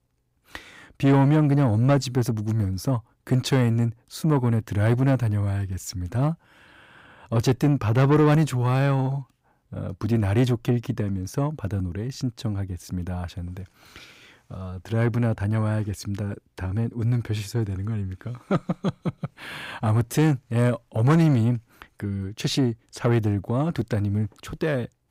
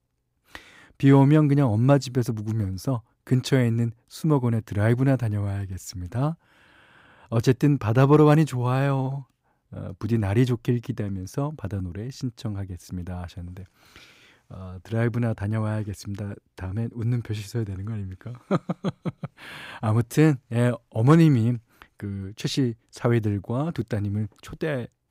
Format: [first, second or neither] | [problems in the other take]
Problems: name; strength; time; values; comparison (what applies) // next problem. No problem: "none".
second | distortion; slight; 10 dB below the speech